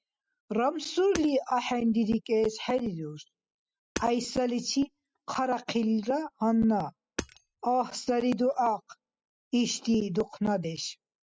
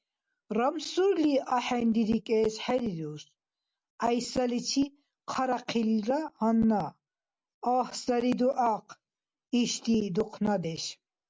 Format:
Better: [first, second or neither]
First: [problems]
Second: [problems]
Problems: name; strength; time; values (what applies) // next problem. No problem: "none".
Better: second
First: noise reduction (classical method spectral subtraction)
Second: none